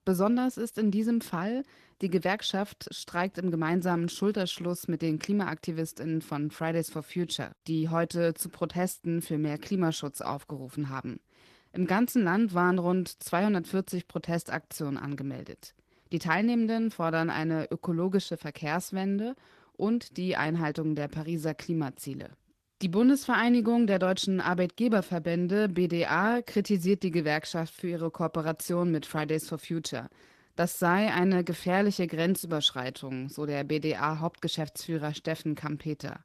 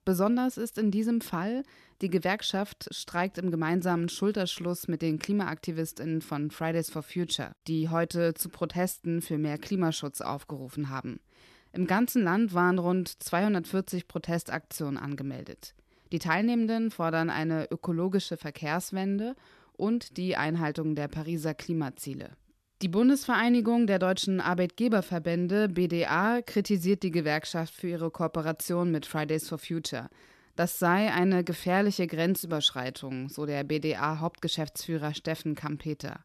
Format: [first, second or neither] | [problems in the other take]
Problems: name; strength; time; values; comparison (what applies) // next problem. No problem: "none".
second | garbled, watery; slightly; nothing above 13.5 kHz